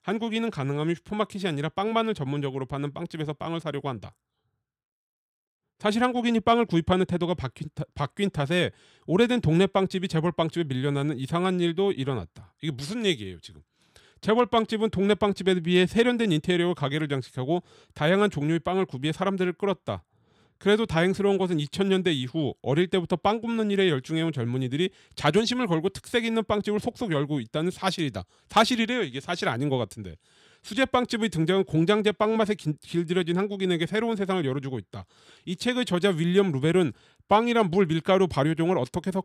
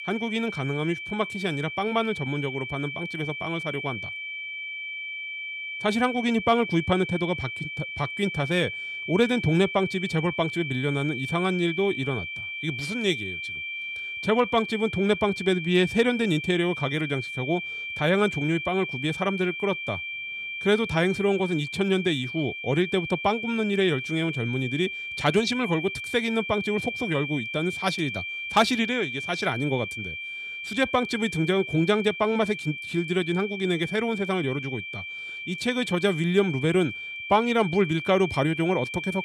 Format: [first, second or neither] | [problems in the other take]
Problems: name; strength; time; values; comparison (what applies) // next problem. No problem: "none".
first | high-pitched whine; loud; throughout; 2.5 kHz, 6 dB below the speech